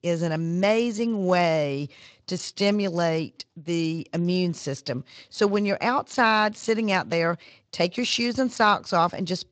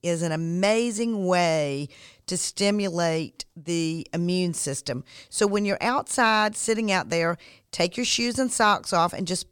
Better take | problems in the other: second | garbled, watery; slightly; nothing above 7.5 kHz

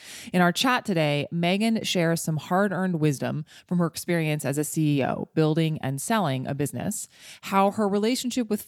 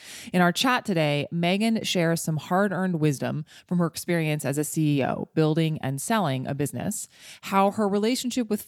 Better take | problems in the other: neither | none

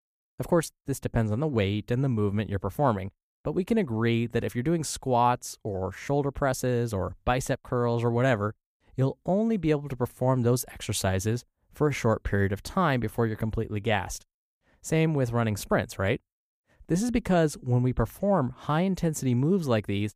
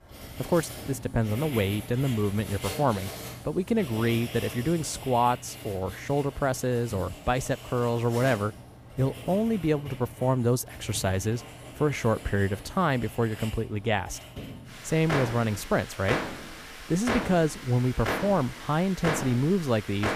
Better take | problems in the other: first | household noises; noticeable; throughout; 10 dB below the speech

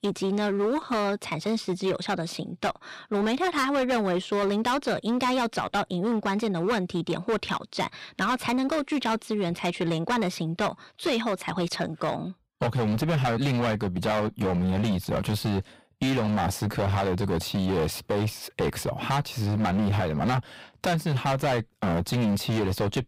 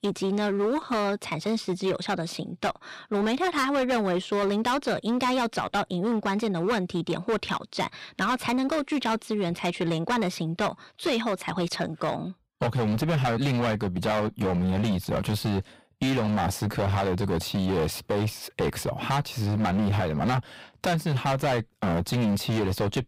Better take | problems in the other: neither | distortion; heavy; 18% of the sound clipped; the same in both

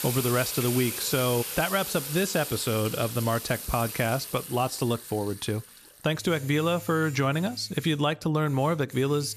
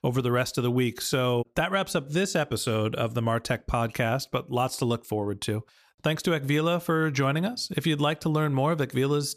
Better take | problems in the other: second | household noises; loud; throughout; 7 dB below the speech

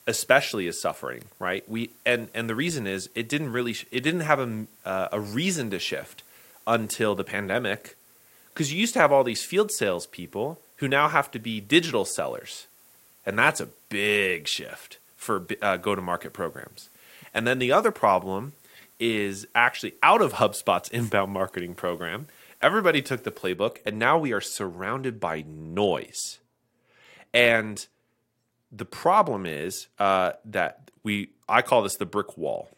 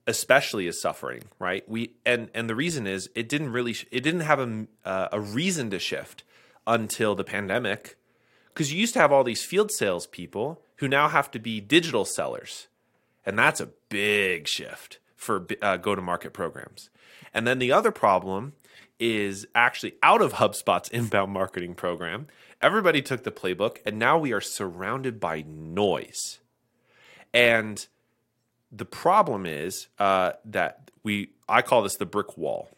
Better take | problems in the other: second | hiss; faint; until 24 s; 30 dB below the speech

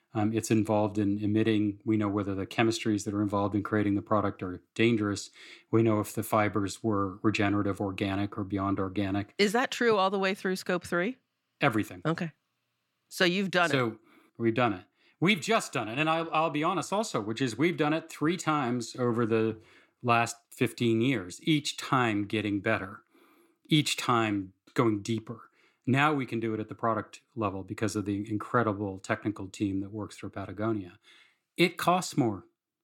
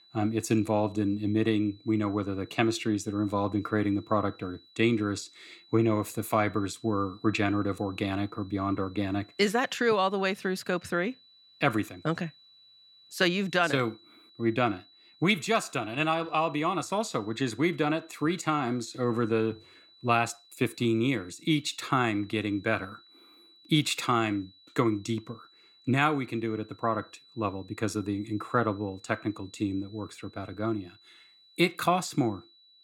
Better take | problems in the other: first | high-pitched whine; faint; throughout; 4 kHz, 25 dB below the speech

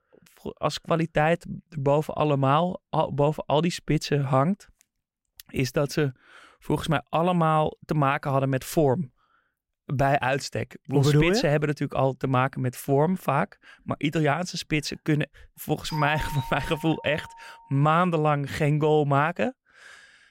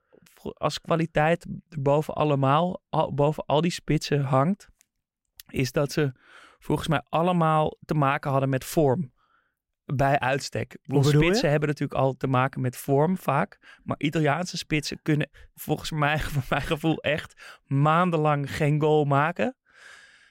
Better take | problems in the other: second | doorbell; noticeable; from 16 to 18 s; peak 9 dB below the speech

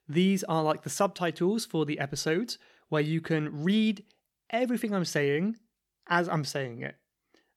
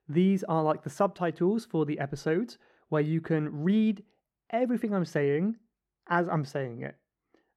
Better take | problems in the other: first | muffled; slightly; fading above 2 kHz

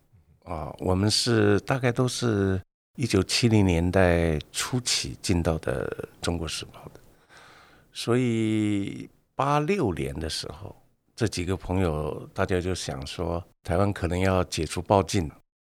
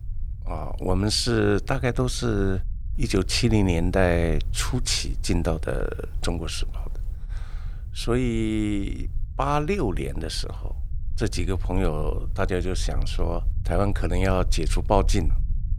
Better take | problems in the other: first | low rumble; faint; throughout; 25 dB below the speech

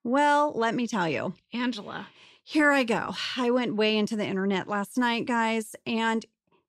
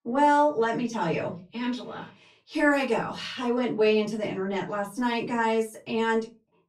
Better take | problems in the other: first | off-mic speech; far // room echo; very slight; dies away in 0.3 s

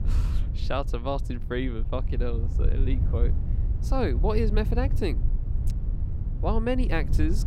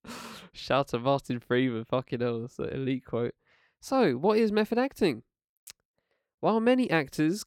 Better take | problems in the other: second | low rumble; noticeable; throughout; 15 dB below the speech

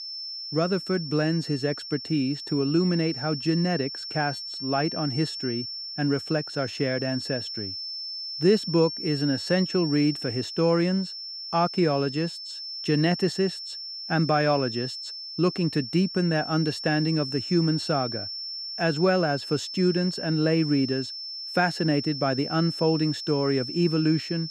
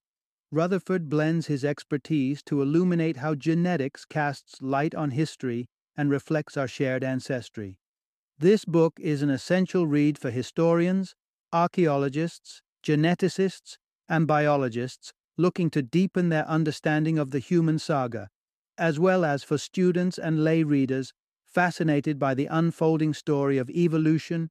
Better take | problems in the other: second | high-pitched whine; loud; throughout; 5.5 kHz, 7 dB below the speech

